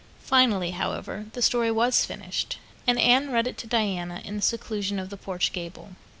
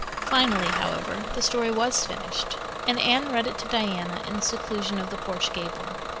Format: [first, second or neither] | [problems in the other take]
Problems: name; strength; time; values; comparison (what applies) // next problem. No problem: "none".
first | background sound (Engine starting / Bus); 4 dB below the speech